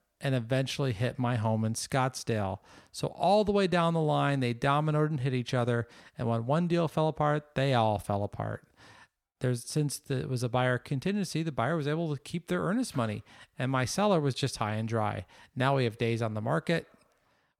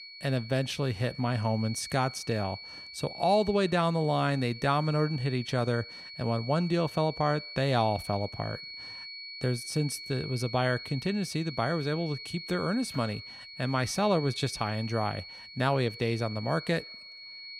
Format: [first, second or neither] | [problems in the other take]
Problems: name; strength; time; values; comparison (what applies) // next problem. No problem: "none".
first | high-pitched whine; noticeable; throughout; 4.5 kHz, 10 dB below the speech